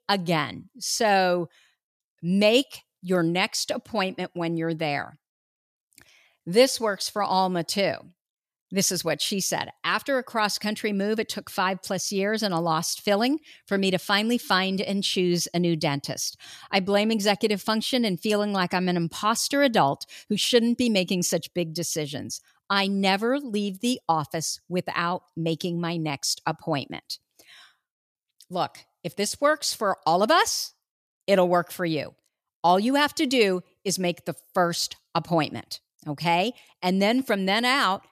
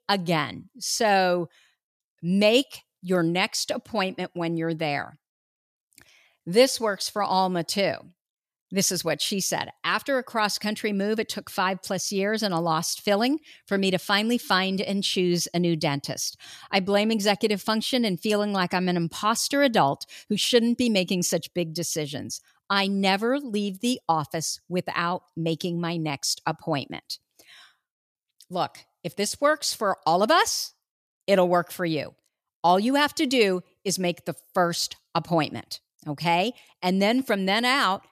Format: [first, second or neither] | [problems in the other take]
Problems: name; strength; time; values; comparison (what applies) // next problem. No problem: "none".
neither | none